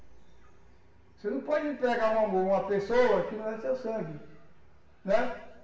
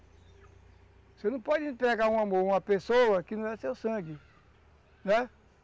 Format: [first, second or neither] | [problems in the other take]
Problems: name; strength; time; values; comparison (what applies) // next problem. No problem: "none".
second | room echo; dies away in 0.8 s